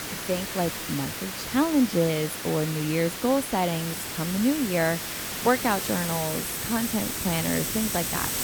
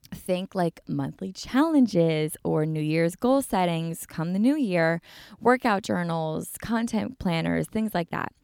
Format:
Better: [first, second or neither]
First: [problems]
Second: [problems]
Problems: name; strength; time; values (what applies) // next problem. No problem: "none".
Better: second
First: hiss; loud; throughout; 3 dB below the speech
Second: none